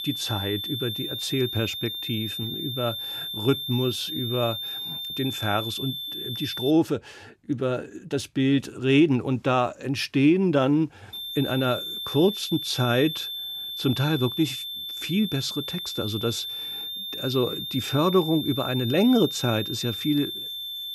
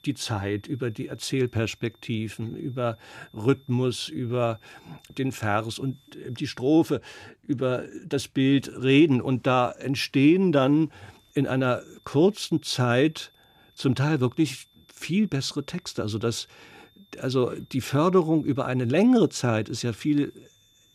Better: second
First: high-pitched whine; loud; until 6.5 s and from 11 s on; 3.5 kHz, 5 dB below the speech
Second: high-pitched whine; faint; until 6.5 s and from 11 s on; 3.5 kHz, 35 dB below the speech

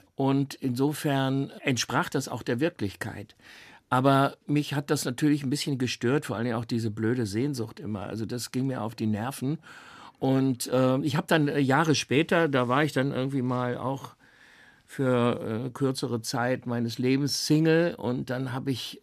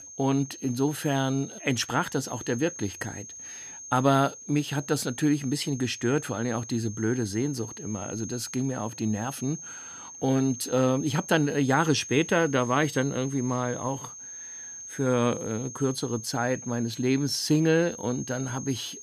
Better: first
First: none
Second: high-pitched whine; noticeable; throughout; 6.5 kHz, 10 dB below the speech

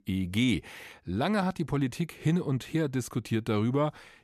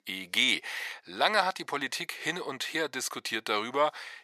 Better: first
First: none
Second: thin; very; fading below 750 Hz

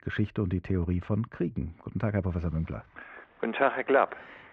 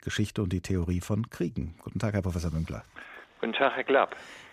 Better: second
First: muffled; very; fading above 2.5 kHz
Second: none

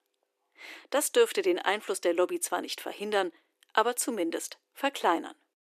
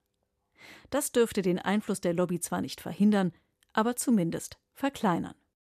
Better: second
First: thin; very; fading below 300 Hz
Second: none

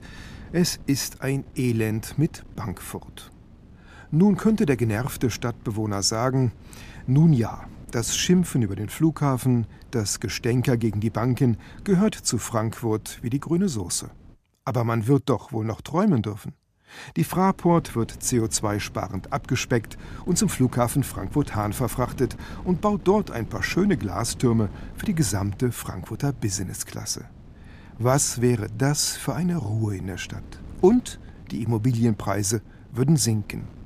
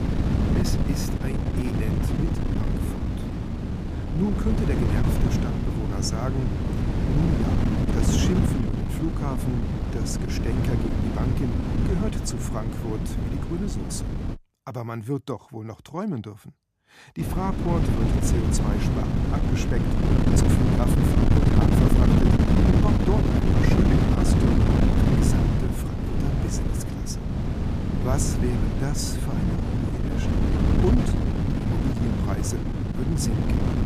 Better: first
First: wind noise on the microphone; occasional gusts; until 14 s and from 17 s on; 25 dB below the speech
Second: wind noise on the microphone; heavy; until 14 s and from 17 s on; 4 dB above the speech

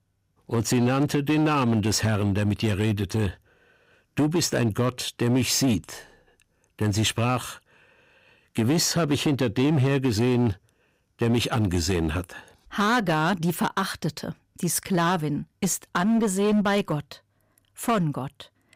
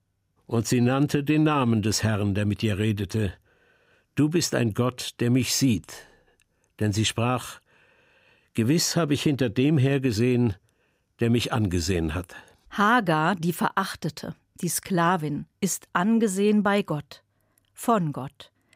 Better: second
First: distortion; slight; 10% of the sound clipped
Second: none

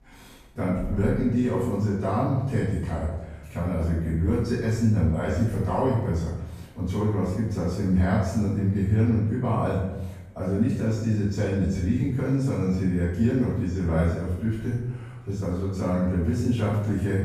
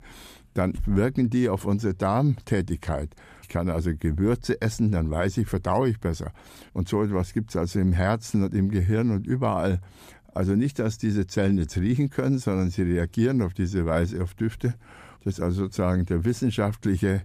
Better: second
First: room echo; strong; dies away in 0.8 s // off-mic speech; far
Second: none

